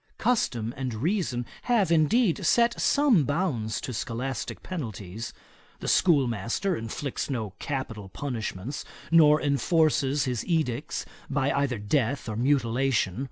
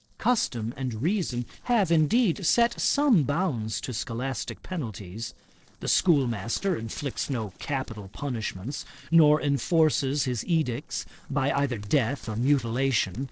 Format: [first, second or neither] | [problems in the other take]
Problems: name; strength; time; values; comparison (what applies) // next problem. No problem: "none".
first | noise reduction (neural separator model SepFormer DNS4)